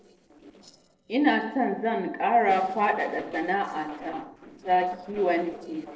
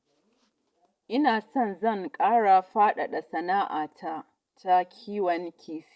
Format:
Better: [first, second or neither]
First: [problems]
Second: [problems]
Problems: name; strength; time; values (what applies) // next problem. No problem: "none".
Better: second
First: noise reduction (neural separator model SepFormer DNS4)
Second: none